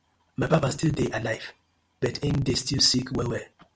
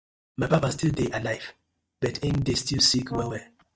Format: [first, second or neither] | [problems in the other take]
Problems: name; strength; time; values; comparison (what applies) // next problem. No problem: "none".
first | noise reduction (neural mask model DeepFilterNet 3)